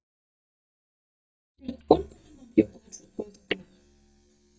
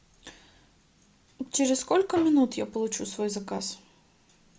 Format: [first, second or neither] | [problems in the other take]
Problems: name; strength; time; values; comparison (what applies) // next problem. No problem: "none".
second | noise reduction (neural mask model DeepFilterNet 3)